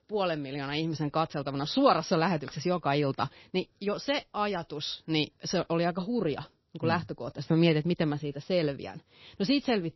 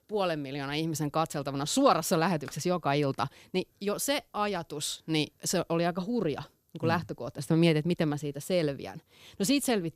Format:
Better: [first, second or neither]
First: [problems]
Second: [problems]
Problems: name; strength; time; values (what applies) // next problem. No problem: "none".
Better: second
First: garbled, watery; slightly; nothing above 5.5 kHz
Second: none